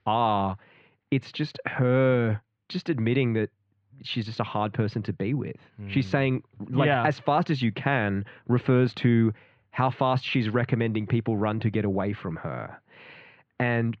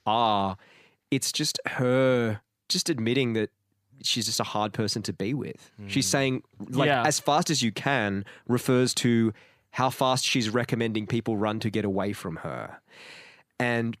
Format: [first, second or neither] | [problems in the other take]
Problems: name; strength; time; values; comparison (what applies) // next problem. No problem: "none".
second | muffled; very; fading above 3 kHz